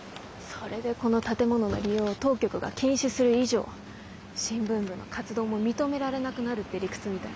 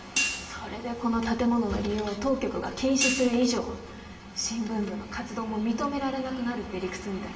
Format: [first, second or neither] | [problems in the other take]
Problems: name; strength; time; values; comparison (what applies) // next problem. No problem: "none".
first | background sound (Hi-hat); 6 dB below the speech // room echo; dies away in 0.8 s